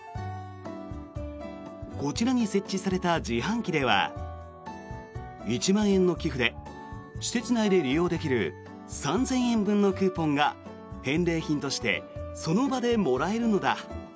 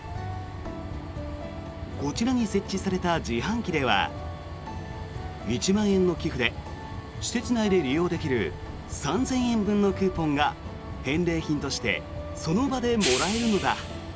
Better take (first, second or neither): first